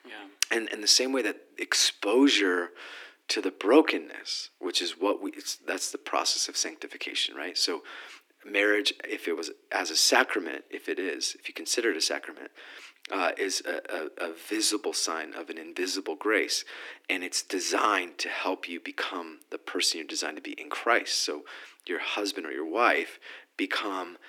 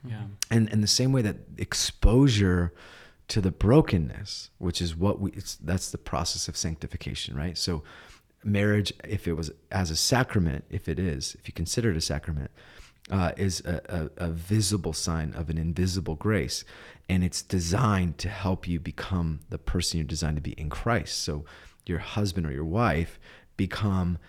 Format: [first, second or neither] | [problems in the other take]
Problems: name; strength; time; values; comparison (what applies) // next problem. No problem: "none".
second | thin; somewhat; fading below 300 Hz